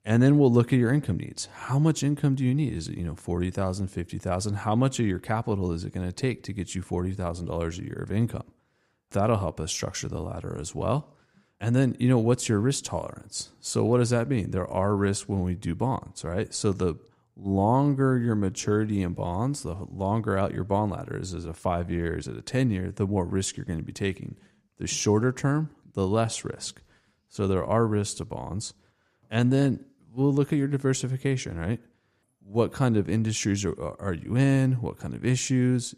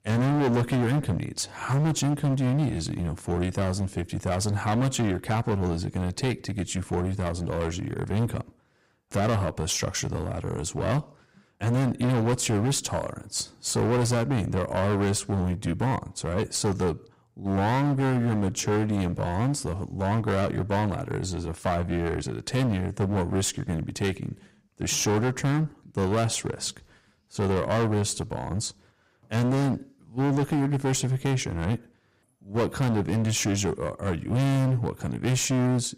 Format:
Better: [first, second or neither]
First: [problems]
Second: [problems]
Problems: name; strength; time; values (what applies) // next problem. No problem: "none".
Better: first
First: none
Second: distortion; heavy; 18% of the sound clipped